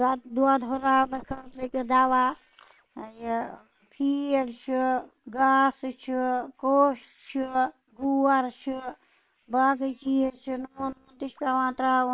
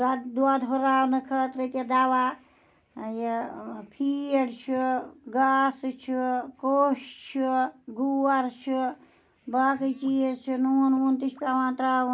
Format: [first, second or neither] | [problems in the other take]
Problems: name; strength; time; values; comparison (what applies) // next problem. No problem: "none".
second | noise reduction (neural separator model SepFormer WHAM!)